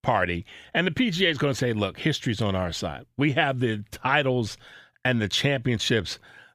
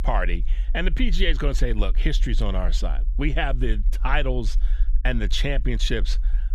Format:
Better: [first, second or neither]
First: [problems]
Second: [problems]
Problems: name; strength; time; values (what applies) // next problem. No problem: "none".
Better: first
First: none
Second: low rumble; faint; throughout; 25 dB below the speech